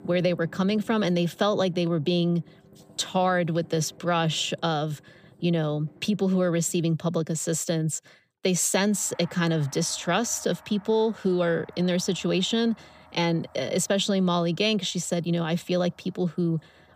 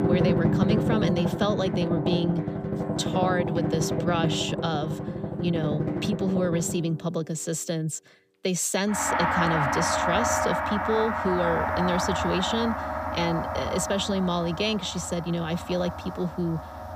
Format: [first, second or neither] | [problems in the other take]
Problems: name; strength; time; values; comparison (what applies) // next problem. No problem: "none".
first | background music; loud; throughout; as loud as the speech; faint in the first